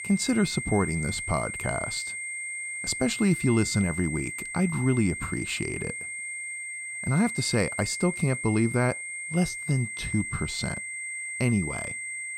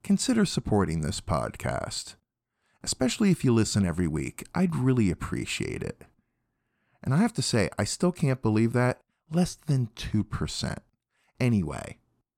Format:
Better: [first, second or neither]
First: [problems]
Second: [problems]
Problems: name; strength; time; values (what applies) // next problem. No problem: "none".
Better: second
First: high-pitched whine; loud; throughout; 2 kHz, 5 dB below the speech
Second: none